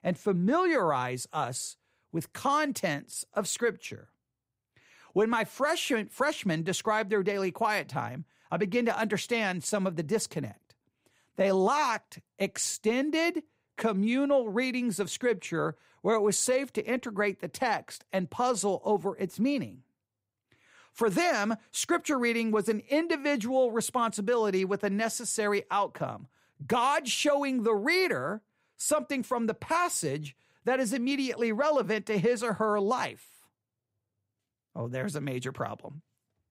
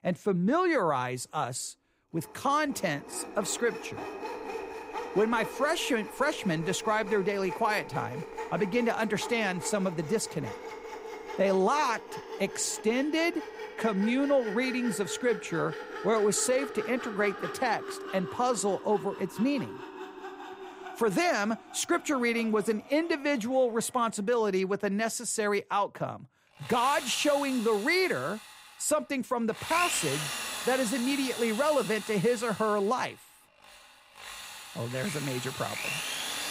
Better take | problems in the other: first | machinery noise; loud; throughout; 10 dB below the speech

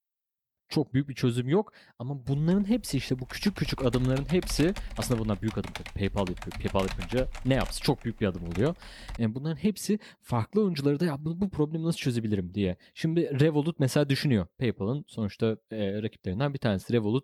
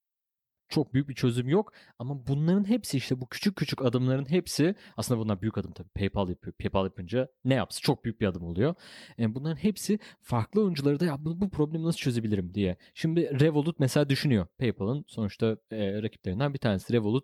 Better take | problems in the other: second | keyboard typing; noticeable; from 2.5 to 9 s; peak 9 dB below the speech

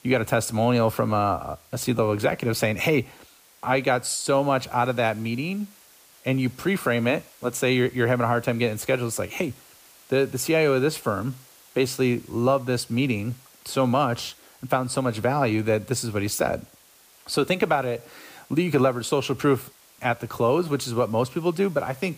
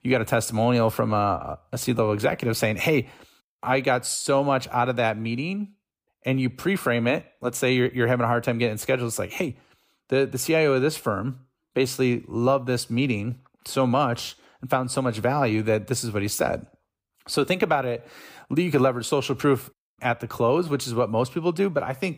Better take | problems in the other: second | hiss; faint; throughout; 25 dB below the speech

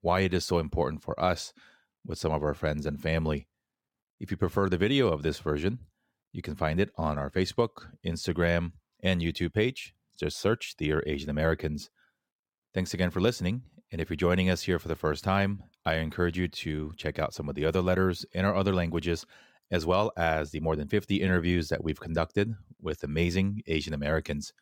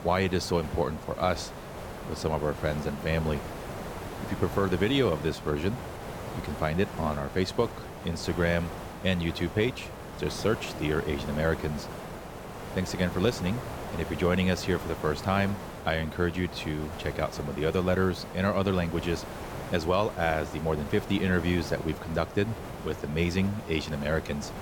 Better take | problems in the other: first | hiss; loud; throughout; 10 dB below the speech

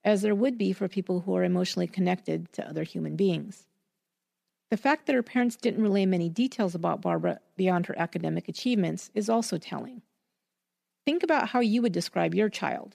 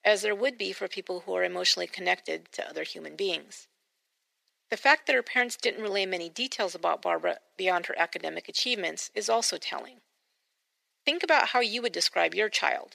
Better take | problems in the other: first | thin; very; fading below 450 Hz

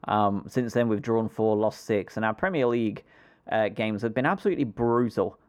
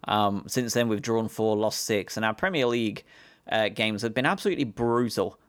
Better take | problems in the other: second | muffled; very; fading above 2.5 kHz

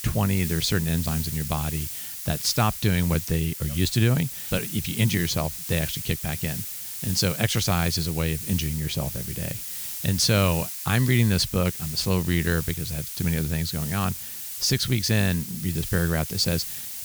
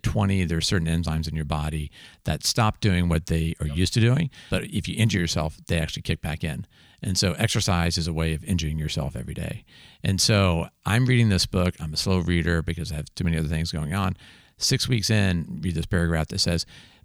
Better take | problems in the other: second | hiss; loud; throughout; 5 dB below the speech

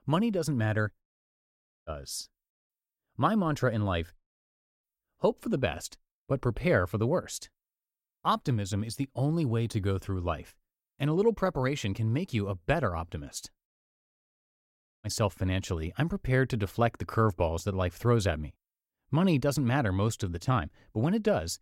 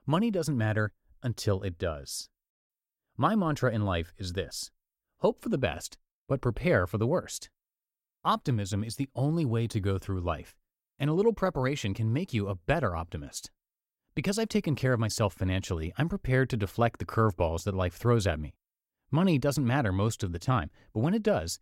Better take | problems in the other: second | audio cutting out; at 1 s for 1 s, at 4 s for 0.5 s and at 14 s for 1.5 s

